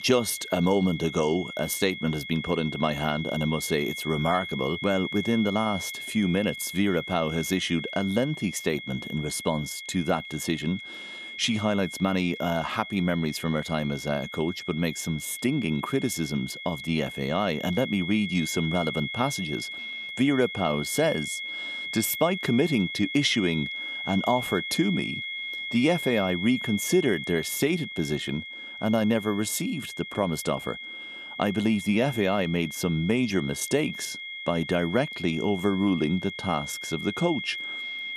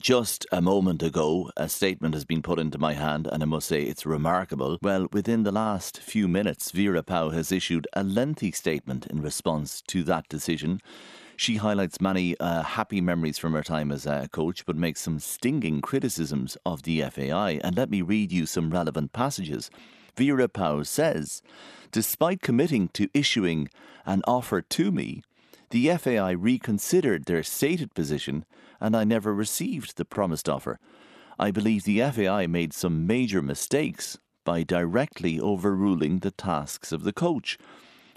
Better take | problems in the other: second | high-pitched whine; loud; throughout; 2 kHz, 7 dB below the speech

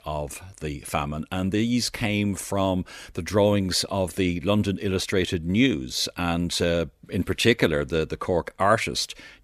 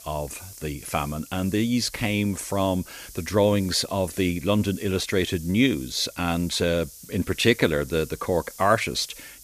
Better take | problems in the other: first | hiss; noticeable; throughout; 20 dB below the speech

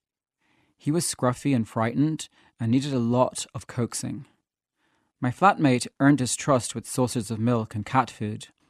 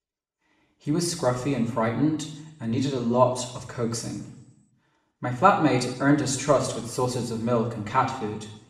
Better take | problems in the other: first | room echo; slight; dies away in 0.8 s // off-mic speech; somewhat distant

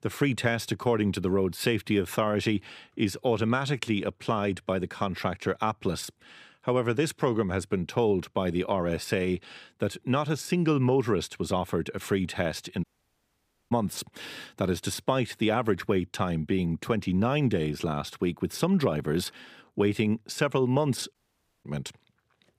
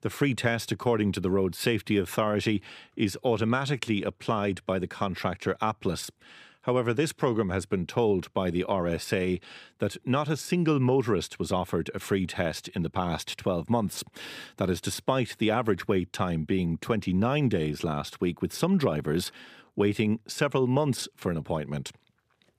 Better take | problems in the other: second | audio cutting out; at 13 s for 1 s and at 21 s for 0.5 s

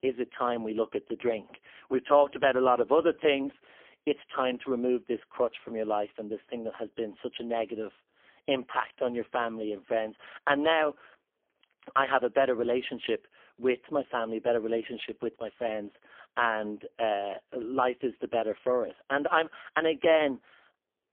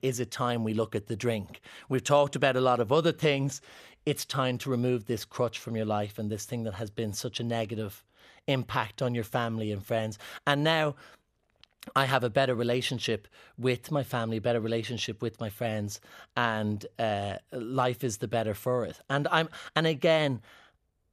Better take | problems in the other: second | phone-call audio; poor line; nothing above 3.5 kHz

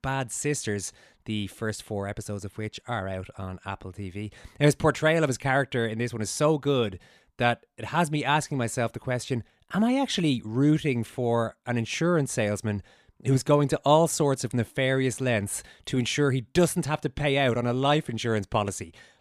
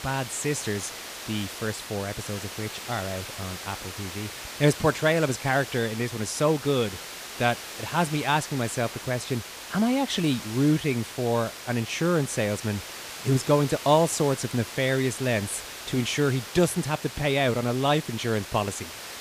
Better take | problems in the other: first | hiss; noticeable; throughout; 10 dB below the speech

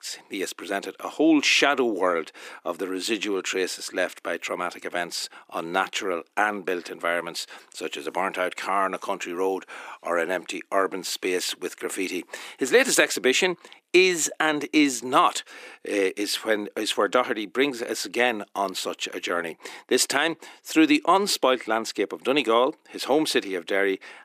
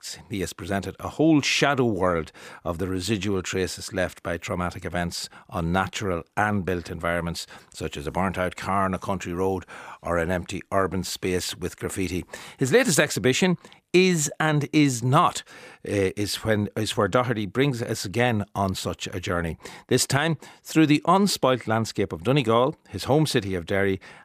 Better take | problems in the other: second | thin; very slightly; fading below 300 Hz

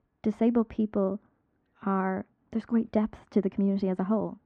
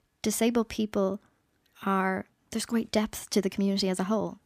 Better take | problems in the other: second | muffled; very; fading above 1.5 kHz

